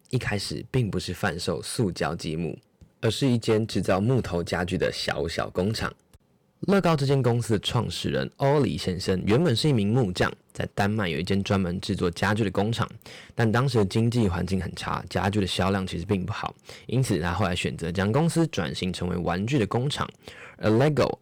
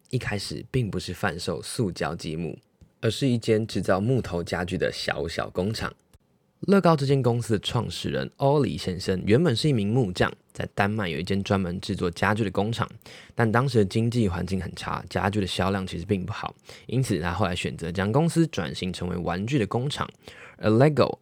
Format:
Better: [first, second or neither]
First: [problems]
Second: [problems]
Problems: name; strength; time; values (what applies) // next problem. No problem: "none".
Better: second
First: distortion; slight; 5% of the sound clipped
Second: none